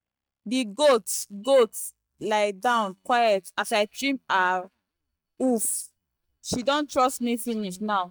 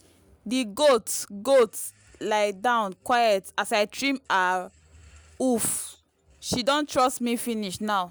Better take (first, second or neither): second